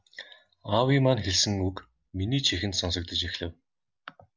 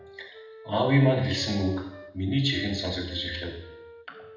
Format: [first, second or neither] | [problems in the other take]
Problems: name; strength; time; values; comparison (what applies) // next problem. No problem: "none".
first | background sound (Wind instrument, woodwind instrument); 19 dB below the speech // room echo; dies away in 0.8 s